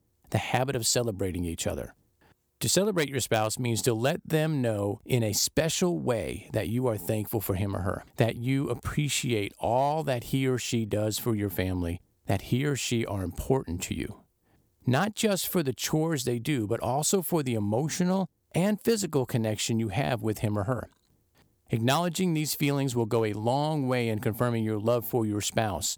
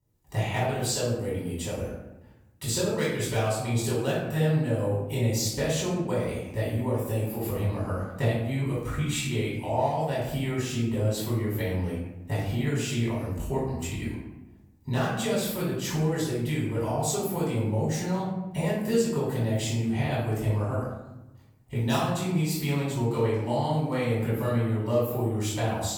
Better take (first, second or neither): first